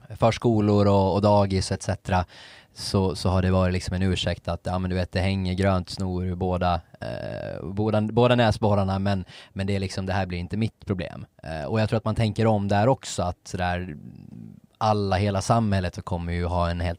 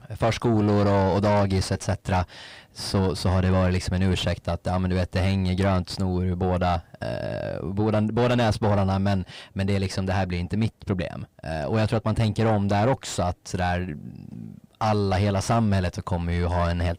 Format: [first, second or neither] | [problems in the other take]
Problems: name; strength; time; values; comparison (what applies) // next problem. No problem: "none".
first | distortion; slight; 10 dB below the speech